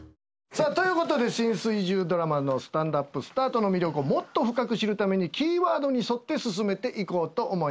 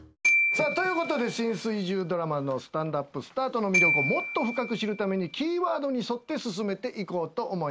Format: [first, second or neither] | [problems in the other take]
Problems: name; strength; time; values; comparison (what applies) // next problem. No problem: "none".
first | background sound (Glockenspiel); 2 dB below the speech